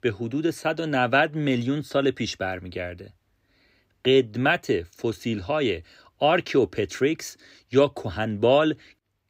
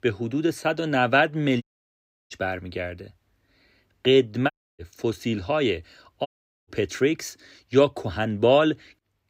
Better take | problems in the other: first | audio cutting out; at 1.5 s for 0.5 s, at 4.5 s and at 6.5 s

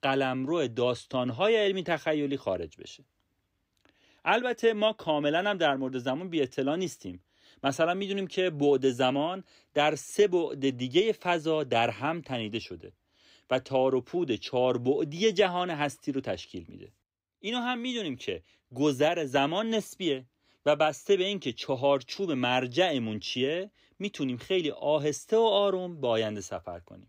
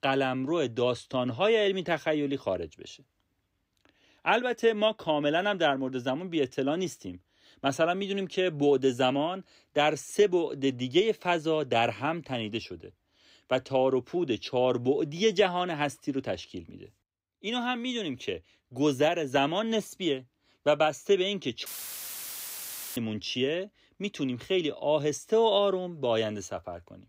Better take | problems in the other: first | audio cutting out; filled with static; at 22 s for 1.5 s

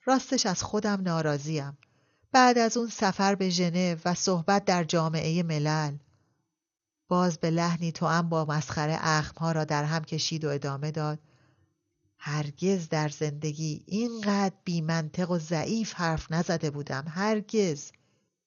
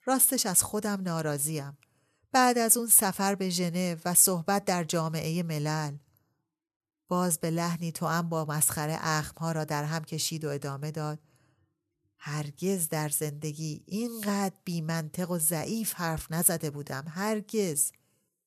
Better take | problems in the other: second | garbled, watery; slightly; nothing above 6.5 kHz

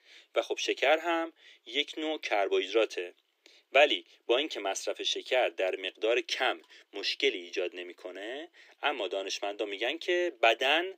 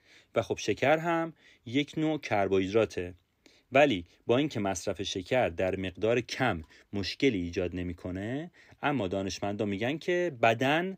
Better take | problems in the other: second | thin; very; fading below 350 Hz

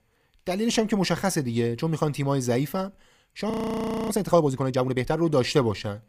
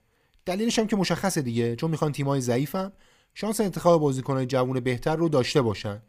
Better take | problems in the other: second | audio freezing; at 3.5 s for 0.5 s

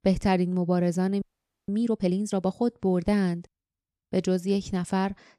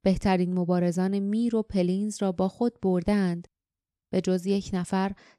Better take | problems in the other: second | audio freezing; at 1 s

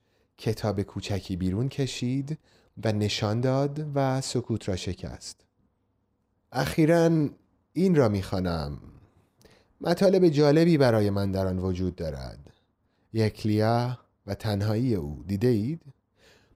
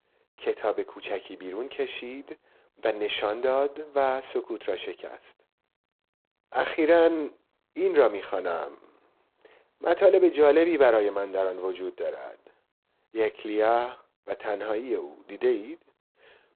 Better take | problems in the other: first | phone-call audio; poor line

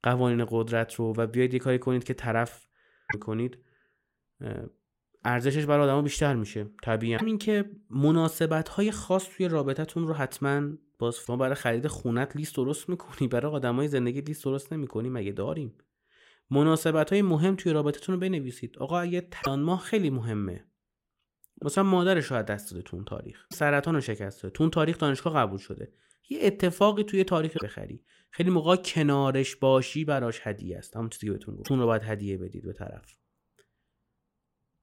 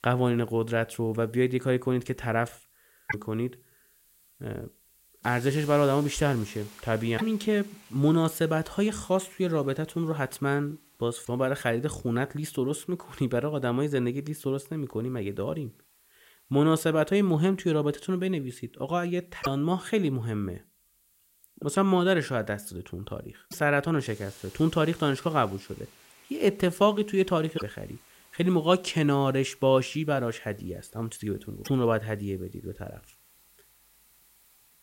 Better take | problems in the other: first | hiss; faint; throughout; 25 dB below the speech

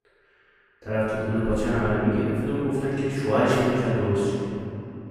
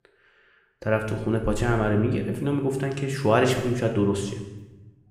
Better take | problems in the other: second | room echo; strong; dies away in 2.9 s; slight in the second // off-mic speech; far

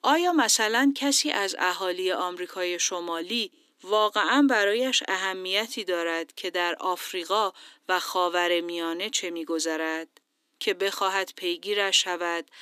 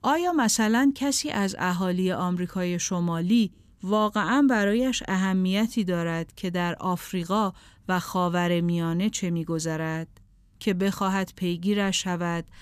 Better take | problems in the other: second | thin; somewhat; fading below 300 Hz

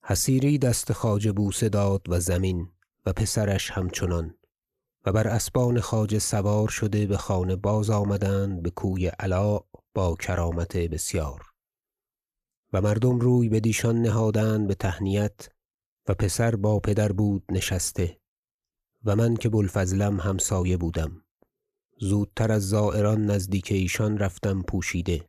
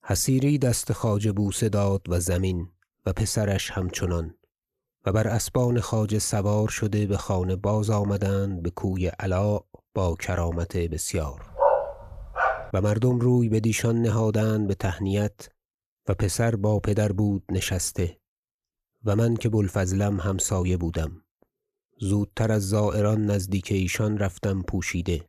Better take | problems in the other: first | dog barking; loud; from 12 to 13 s; peak 3 dB above the speech

